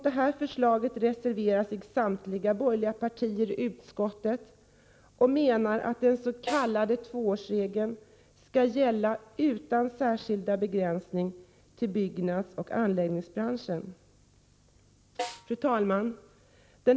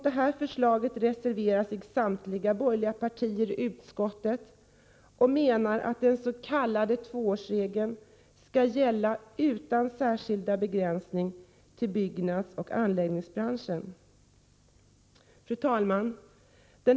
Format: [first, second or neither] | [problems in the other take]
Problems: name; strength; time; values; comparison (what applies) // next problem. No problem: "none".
second | background sound (Snare drum); 13 dB below the speech